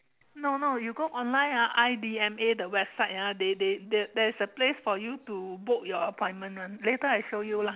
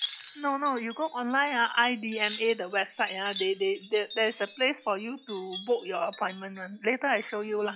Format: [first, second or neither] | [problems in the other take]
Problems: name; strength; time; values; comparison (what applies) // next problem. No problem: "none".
first | noise reduction (classical method log-MMSE)